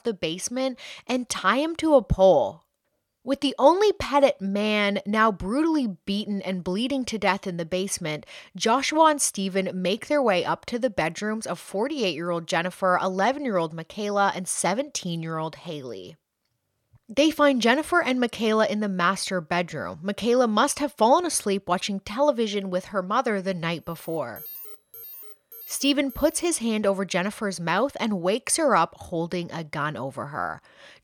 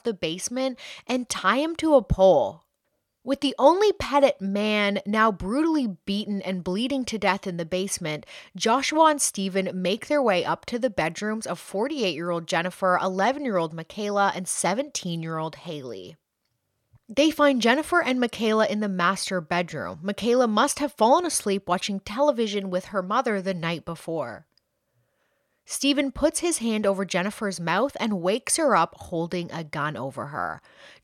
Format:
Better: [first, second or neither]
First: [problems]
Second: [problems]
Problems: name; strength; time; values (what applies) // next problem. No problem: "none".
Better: second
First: alarm; faint; from 24 to 26 s; peak 10 dB below the speech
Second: none